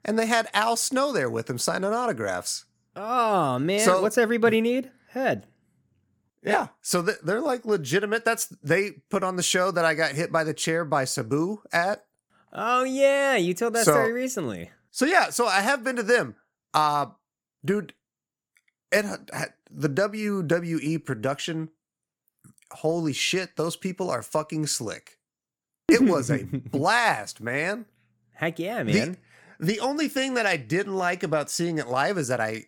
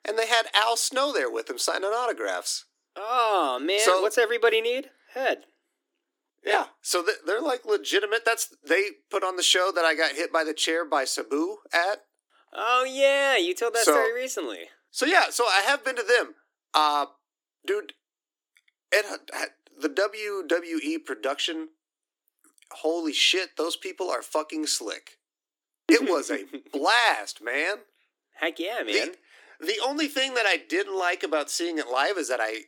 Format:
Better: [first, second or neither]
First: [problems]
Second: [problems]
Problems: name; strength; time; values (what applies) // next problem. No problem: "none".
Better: first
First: none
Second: thin; somewhat; fading below 300 Hz